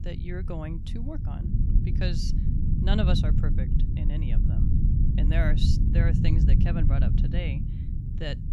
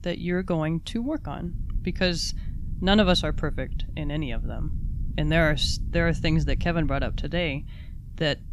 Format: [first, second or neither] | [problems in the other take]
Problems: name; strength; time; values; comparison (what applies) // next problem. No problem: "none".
second | low rumble; loud; throughout; 2 dB below the speech; faint in the second